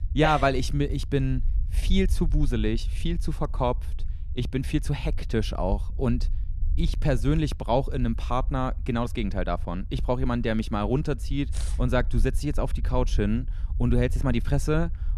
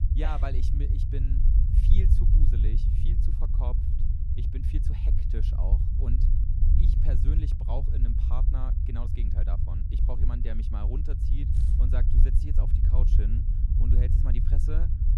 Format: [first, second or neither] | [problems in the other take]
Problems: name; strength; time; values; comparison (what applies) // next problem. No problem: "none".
first | low rumble; loud; throughout; as loud as the speech; faint in the first